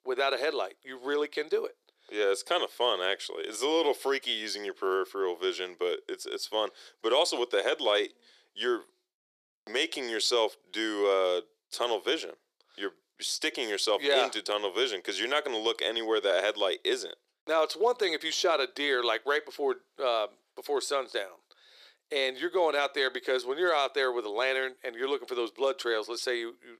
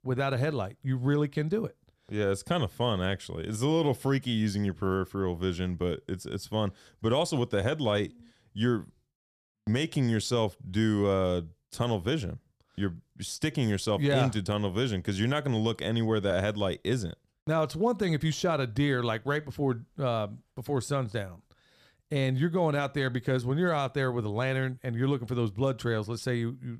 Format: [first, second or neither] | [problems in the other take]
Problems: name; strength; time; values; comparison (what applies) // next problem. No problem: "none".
second | thin; very; fading below 350 Hz